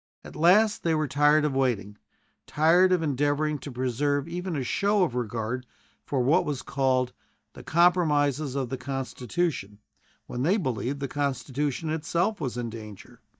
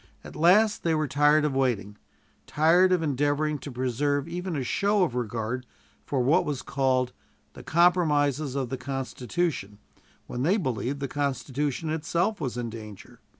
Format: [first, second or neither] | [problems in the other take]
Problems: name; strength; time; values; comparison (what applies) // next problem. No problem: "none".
second | noise reduction (neural mask model DeepFilterNet 3)